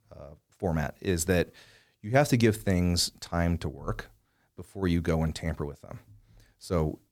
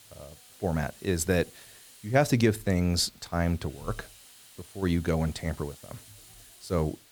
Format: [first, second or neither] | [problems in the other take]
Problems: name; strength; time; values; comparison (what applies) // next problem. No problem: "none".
first | hiss; faint; throughout; 20 dB below the speech